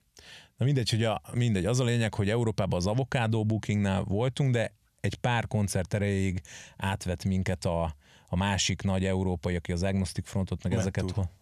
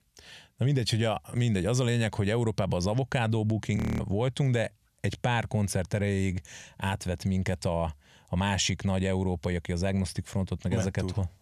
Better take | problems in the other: first | audio freezing; at 4 s

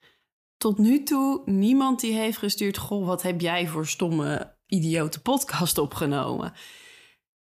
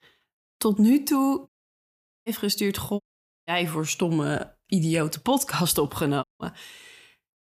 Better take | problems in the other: first | audio cutting out; at 1.5 s for 1 s, at 3 s and at 6 s

